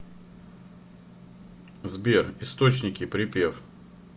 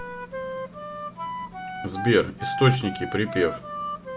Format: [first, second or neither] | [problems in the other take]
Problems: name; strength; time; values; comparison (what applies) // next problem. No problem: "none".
first | background sound (Wind instrument, woodwind instrument); 7 dB below the speech